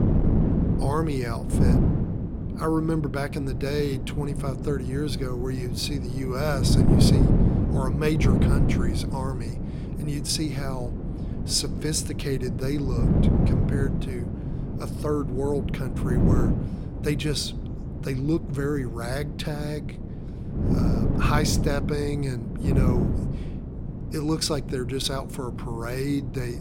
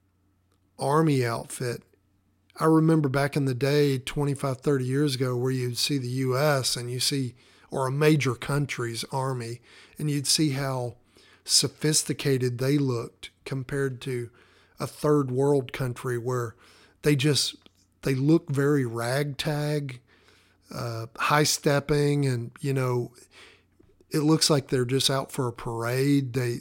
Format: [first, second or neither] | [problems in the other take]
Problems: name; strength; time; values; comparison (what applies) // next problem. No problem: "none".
second | wind noise on the microphone; heavy; 4 dB below the speech